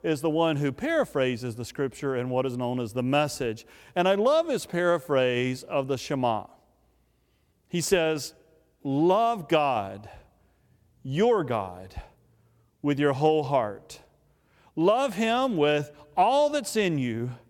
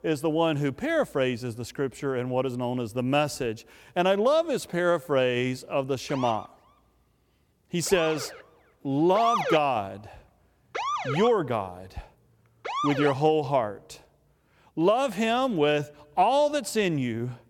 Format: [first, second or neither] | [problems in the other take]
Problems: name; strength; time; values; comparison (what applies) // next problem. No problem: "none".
first | siren; noticeable; from 6 to 13 s; peak level with the speech